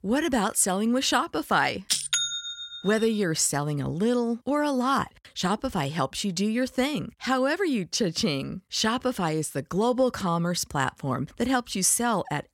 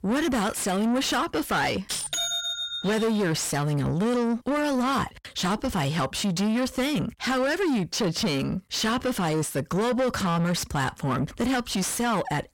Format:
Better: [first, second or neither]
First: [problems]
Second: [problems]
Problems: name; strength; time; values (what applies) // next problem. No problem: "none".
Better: first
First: none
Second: distortion; heavy; 6 dB below the speech